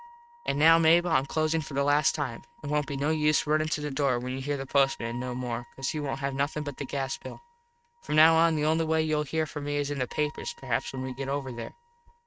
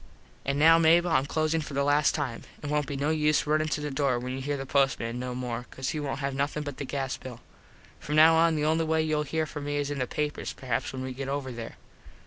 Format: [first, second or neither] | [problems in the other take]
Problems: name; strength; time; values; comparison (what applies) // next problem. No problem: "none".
second | noise reduction (neural mask model RNNoise)